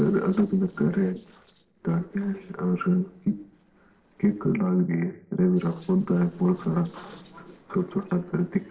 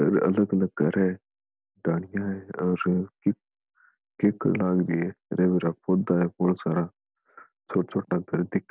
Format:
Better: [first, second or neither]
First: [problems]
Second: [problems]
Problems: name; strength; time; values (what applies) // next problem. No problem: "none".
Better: second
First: noise reduction (neural separator model SepFormer DNS4)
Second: none